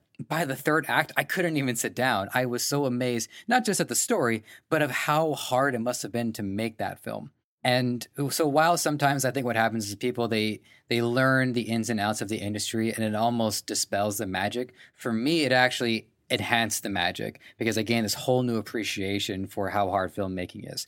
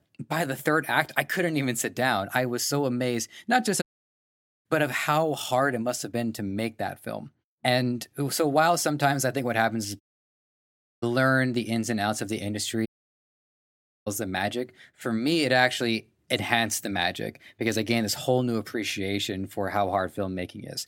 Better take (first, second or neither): first